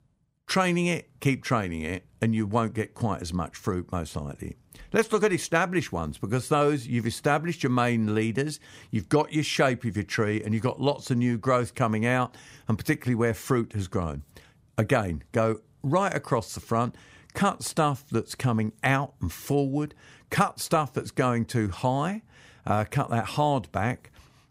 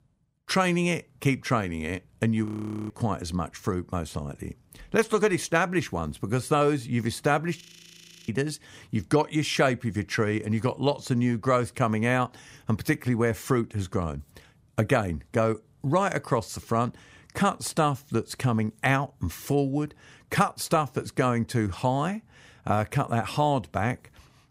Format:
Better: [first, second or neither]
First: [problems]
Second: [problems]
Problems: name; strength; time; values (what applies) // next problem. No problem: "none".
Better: first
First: none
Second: audio freezing; at 2.5 s and at 7.5 s for 0.5 s